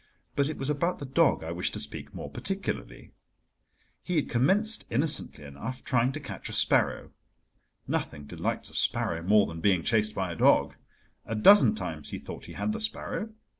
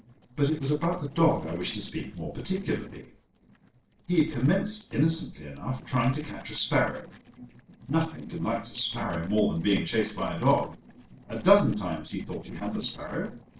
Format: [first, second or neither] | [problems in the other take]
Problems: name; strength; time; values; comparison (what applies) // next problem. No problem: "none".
first | noise reduction (neural separator model SepFormer DNS4)